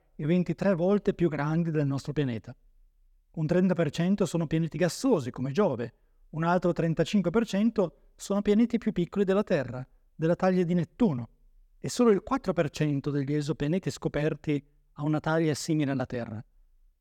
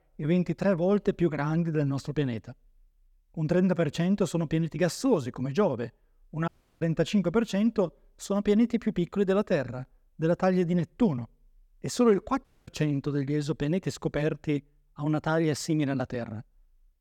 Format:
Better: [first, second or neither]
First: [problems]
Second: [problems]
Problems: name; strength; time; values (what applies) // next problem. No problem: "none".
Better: first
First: none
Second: audio cutting out; at 6.5 s and at 12 s